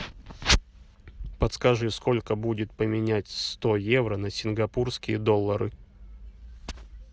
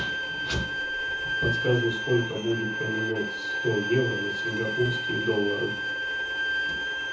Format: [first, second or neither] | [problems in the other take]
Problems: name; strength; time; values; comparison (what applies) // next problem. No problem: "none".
first | background sound (Bowed string instrument); as loud as the speech // room echo; dies away in 0.5 s